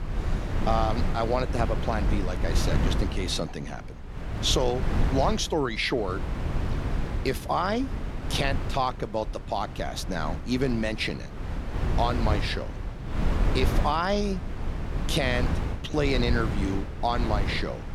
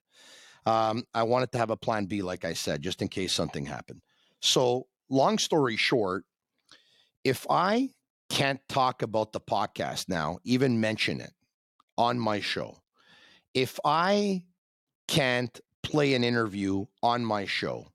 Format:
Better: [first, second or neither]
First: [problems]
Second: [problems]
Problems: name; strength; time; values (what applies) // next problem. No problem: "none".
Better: second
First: wind noise on the microphone; heavy; 9 dB below the speech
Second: none